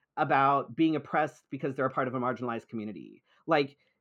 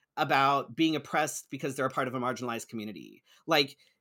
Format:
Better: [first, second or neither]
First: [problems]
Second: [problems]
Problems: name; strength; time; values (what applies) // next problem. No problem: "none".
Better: second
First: muffled; very; fading above 4 kHz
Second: none